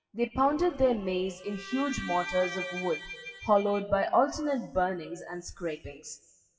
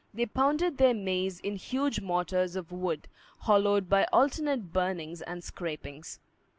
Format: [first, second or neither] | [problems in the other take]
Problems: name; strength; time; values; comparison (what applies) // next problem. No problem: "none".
second | noise reduction (classical method WPE with log-MMSE)